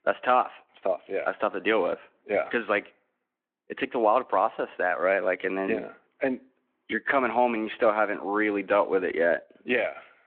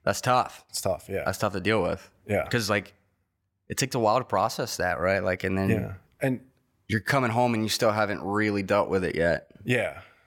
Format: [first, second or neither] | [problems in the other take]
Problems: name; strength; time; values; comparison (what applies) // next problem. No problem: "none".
second | phone-call audio